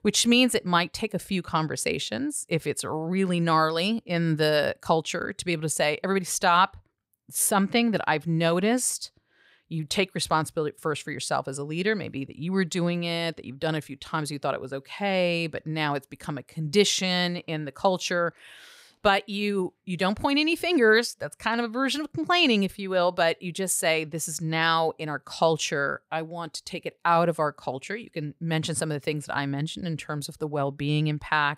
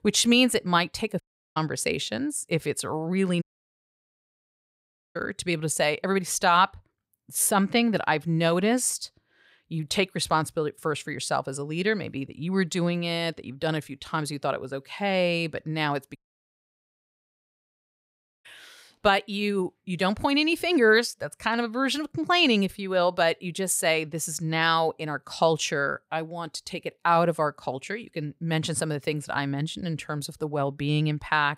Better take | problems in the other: first | audio cutting out; at 1 s, at 3.5 s for 1.5 s and at 16 s for 2.5 s

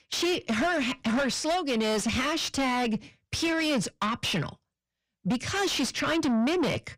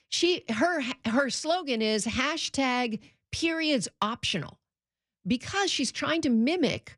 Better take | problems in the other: second | distortion; heavy; 7 dB below the speech

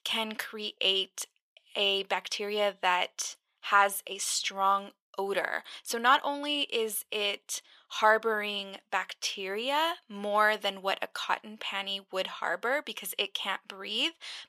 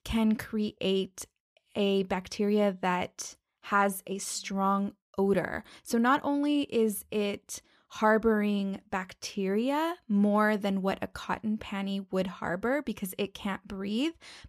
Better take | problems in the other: second | thin; very; fading below 650 Hz

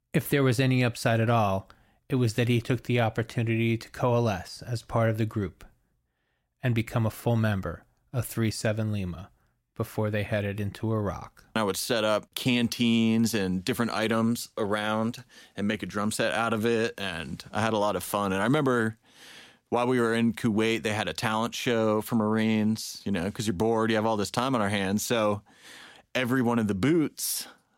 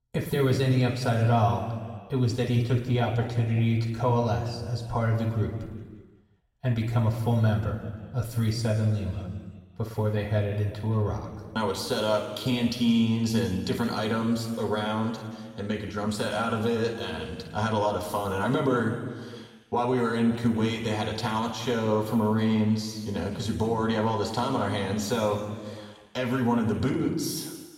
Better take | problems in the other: first | room echo; noticeable; dies away in 1.5 s // off-mic speech; far

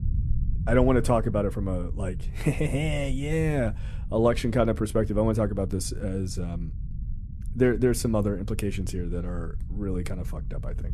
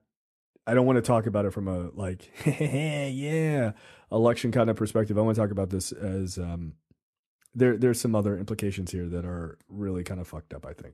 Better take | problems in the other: second | low rumble; faint; throughout; 20 dB below the speech

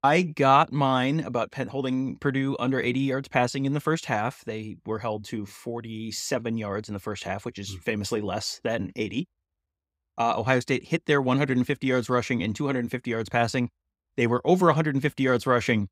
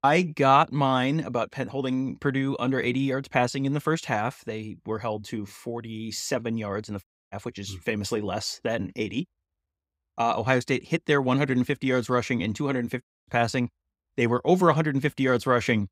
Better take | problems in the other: first | audio cutting out; at 7 s and at 13 s

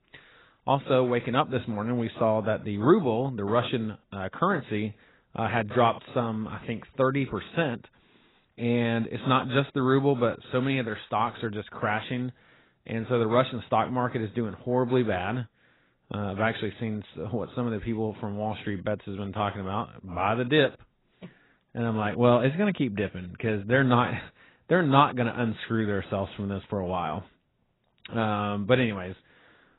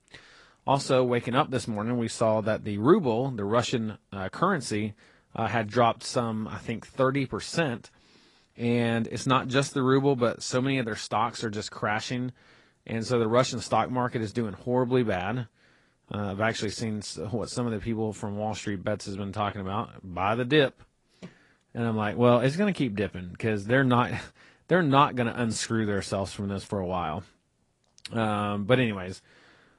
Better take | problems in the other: second | garbled, watery; badly; nothing above 4 kHz; slightly in the second

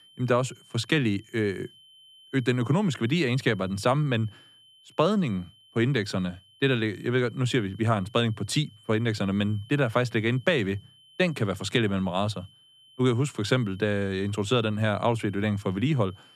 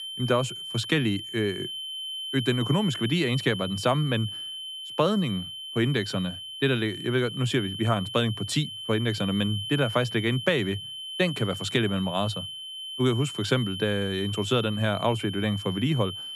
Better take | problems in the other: first | high-pitched whine; loud; throughout; 3 kHz, 7 dB below the speech; faint in the first

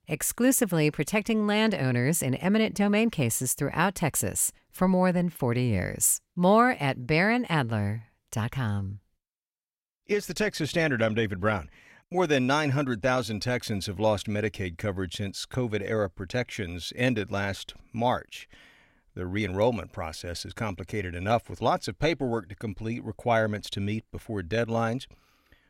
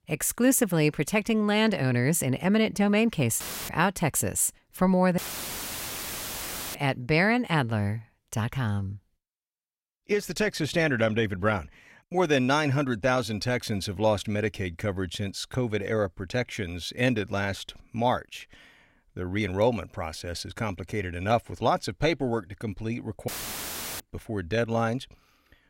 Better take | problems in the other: first | audio cutting out; filled with static; at 3.5 s, at 5 s for 1.5 s and at 23 s for 0.5 s

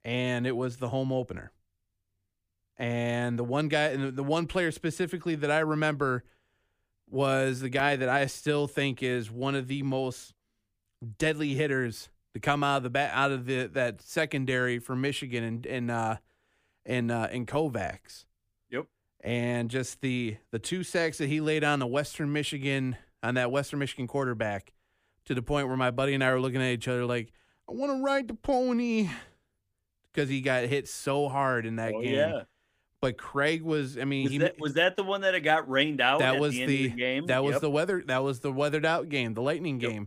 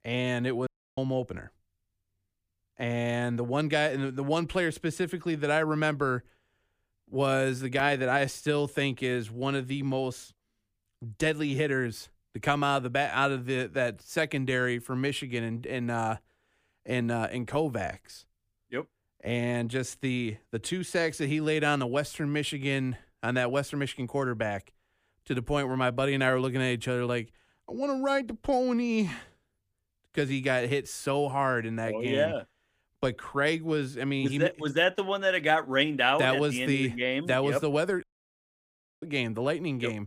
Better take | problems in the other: first | audio cutting out; at 0.5 s and at 38 s for 1 s

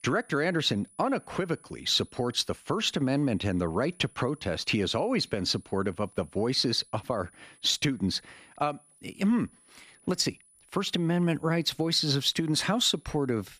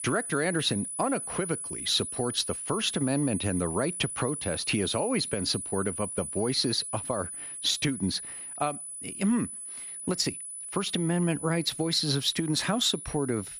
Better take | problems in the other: first | high-pitched whine; loud; throughout; 10 kHz, 6 dB below the speech; faint in the first

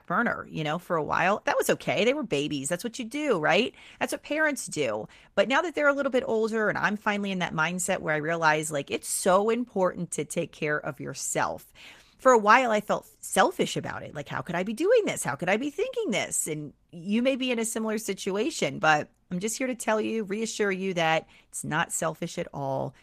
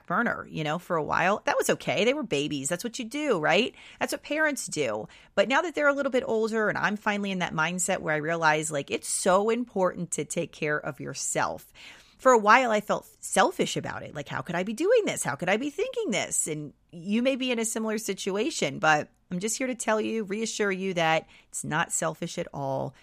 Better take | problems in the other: second | garbled, watery; slightly; nothing above 14.5 kHz

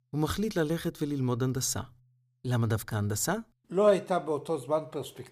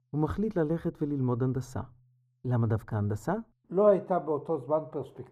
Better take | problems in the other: first | muffled; very; fading above 2 kHz

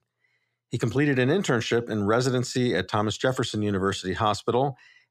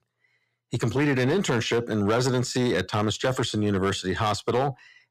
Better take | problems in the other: first | distortion; slight; 7% of the sound clipped

